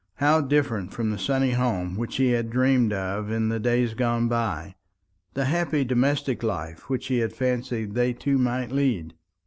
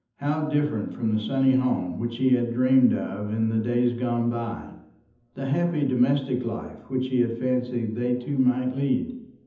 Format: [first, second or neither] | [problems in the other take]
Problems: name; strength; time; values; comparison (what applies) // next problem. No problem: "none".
first | room echo; dies away in 0.8 s